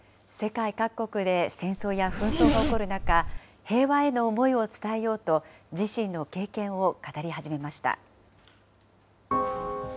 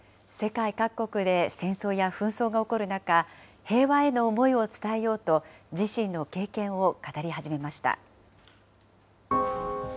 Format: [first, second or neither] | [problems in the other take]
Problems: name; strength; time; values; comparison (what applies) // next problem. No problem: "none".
second | background sound (Zipper (clothing)); 2 dB above the speech